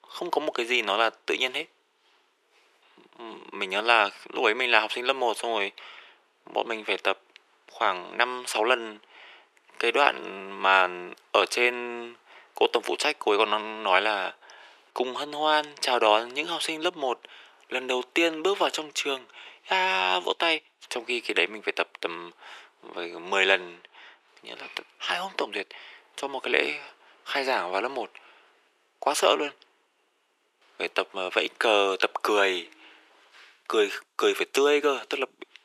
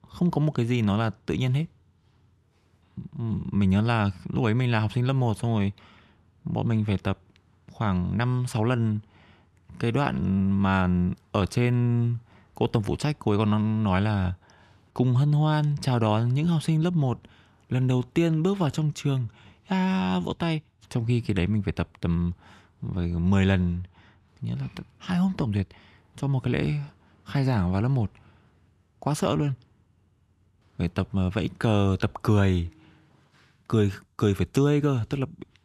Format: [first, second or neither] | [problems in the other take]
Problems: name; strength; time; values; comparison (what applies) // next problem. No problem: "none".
second | thin; very; fading below 400 Hz